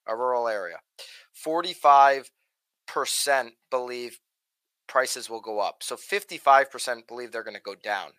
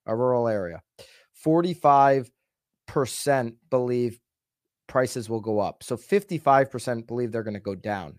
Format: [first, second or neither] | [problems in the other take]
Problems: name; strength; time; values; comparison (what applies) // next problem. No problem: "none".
second | thin; very; fading below 850 Hz